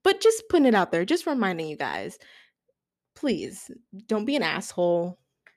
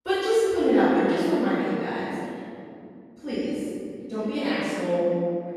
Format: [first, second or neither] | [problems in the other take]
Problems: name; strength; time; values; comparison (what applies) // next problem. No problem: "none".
first | room echo; strong; dies away in 2.6 s // off-mic speech; far